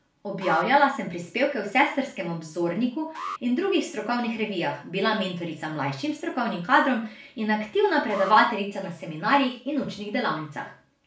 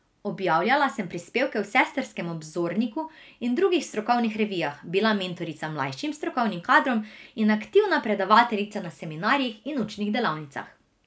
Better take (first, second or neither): second